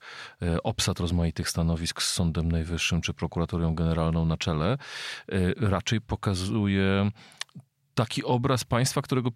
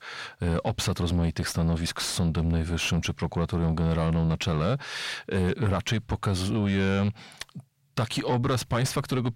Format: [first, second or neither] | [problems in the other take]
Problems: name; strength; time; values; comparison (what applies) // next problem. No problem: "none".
first | distortion; slight; 10 dB below the speech